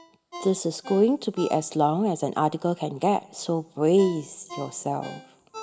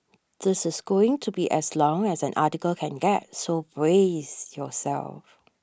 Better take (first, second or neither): second